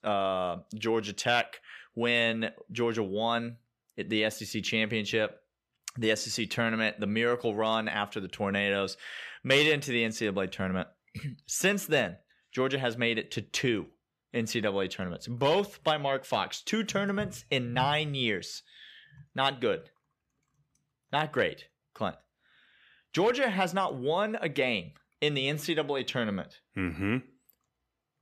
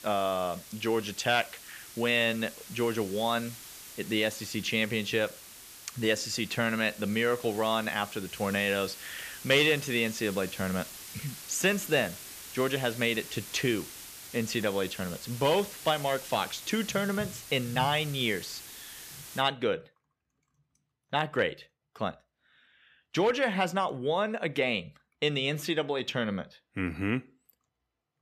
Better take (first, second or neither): first